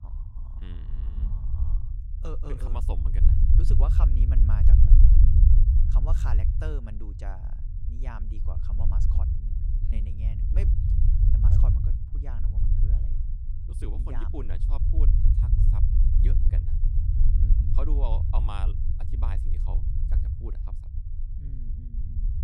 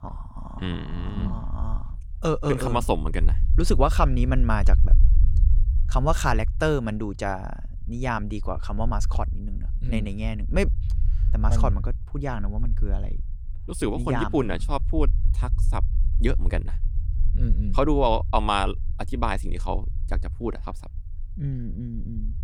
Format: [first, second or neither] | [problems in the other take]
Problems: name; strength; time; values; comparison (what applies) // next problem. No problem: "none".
second | low rumble; loud; throughout; as loud as the speech; faint in the second